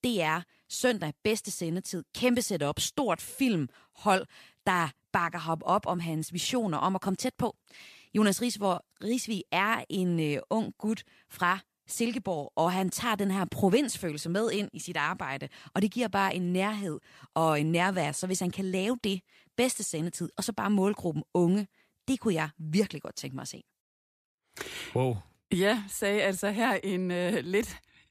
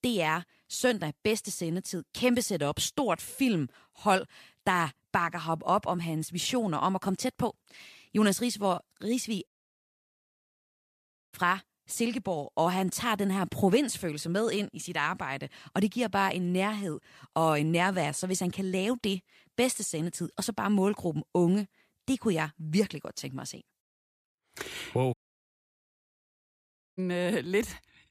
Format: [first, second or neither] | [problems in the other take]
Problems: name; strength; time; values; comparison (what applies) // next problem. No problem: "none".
first | audio cutting out; at 9.5 s for 2 s and at 25 s for 2 s